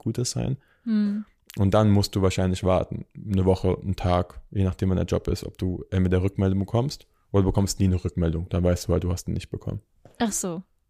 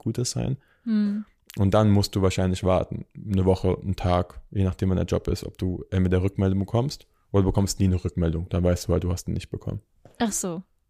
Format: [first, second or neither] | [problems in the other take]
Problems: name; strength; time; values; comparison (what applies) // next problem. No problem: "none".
neither | none